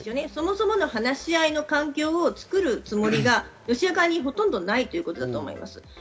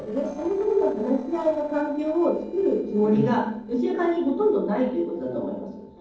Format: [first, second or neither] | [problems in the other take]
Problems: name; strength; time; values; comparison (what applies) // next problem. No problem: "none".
first | noise reduction (neural separator model SepFormer DNS4)